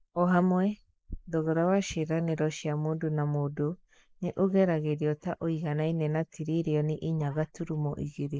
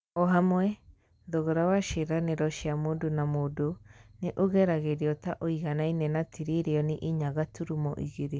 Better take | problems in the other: second | noise reduction (neural mask model Resemble Enhance denoiser)

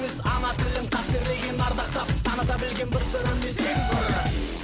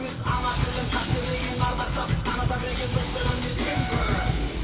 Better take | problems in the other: first | background sound (Tools); 16 dB below the speech // room echo; dies away in 2.4 s

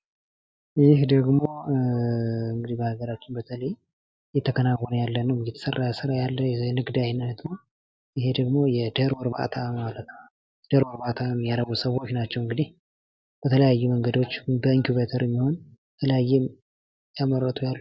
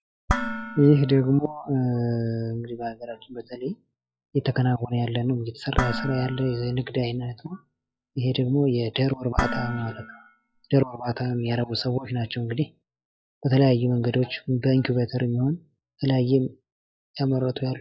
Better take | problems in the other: first | noise reduction (classical method log-MMSE)

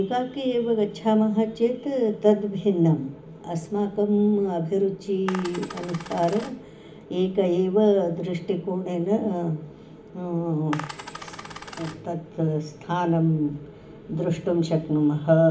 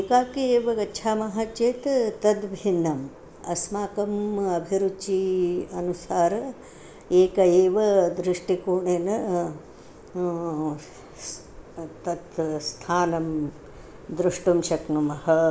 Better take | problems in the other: second | background sound (Coin (dropping)); 14 dB below the speech // room echo; dies away in 0.4 s

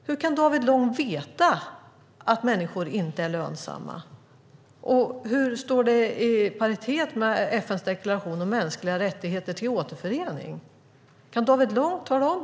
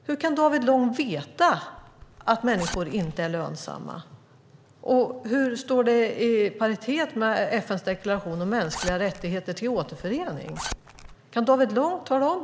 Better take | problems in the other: first | background sound (Zipper (clothing)); 13 dB below the speech

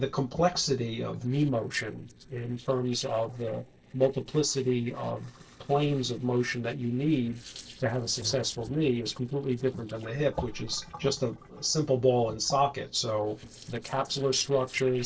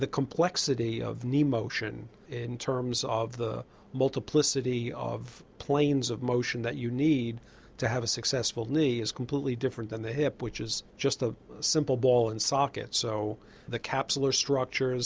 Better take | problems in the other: second | noise reduction (neural separator model SepFormer DNS4)

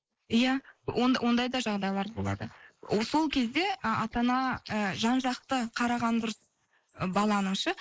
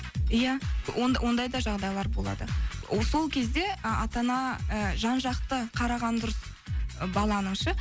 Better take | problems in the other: second | noise reduction (neural mask model Resemble Enhance denoiser)

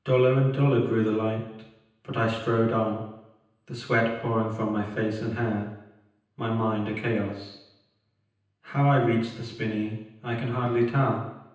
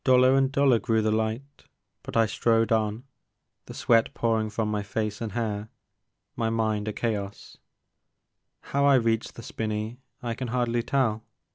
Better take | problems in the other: second | room echo; dies away in 0.9 s

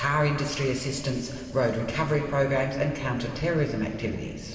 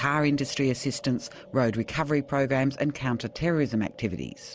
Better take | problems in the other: second | background sound (Boat, Water vehicle); 18 dB below the speech // room echo; dies away in 2.5 s

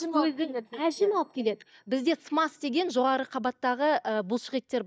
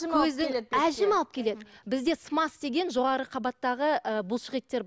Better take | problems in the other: second | noise reduction (neural mask model DeepFilterNet 3)

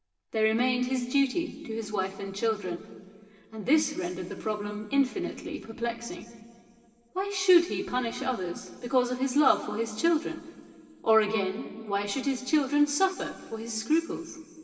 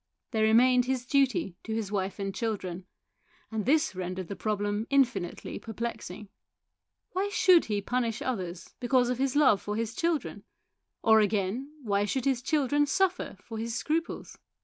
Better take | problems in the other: second | room echo; dies away in 2.9 s

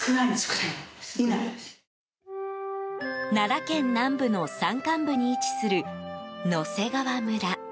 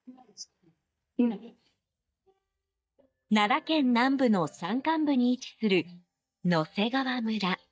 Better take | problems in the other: first | noise reduction (neural mask model DeepFilterNet 3)

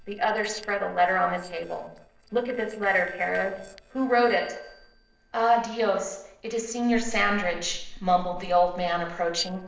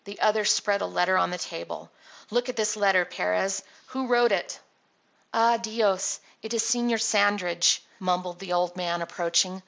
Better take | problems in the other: second | noise reduction (neural separator model SepFormer DNS4)

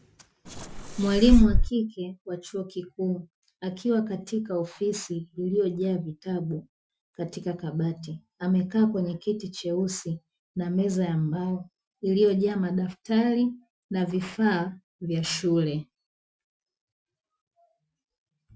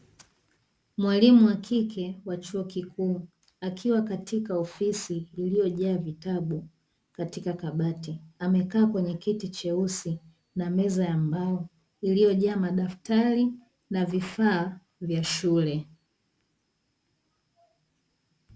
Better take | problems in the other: second | noise reduction (classical method Wiener filter)

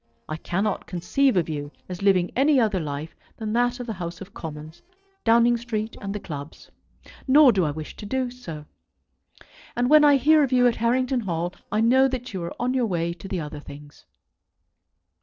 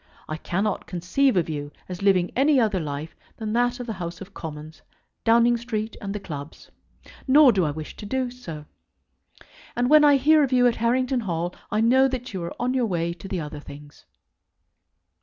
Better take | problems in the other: second | noise reduction (neural separator model SepFormer DNS4)

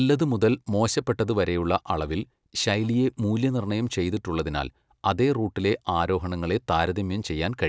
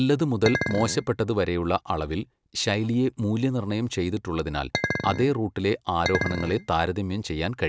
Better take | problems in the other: first | background sound (Chink, clink); 5 dB below the speech

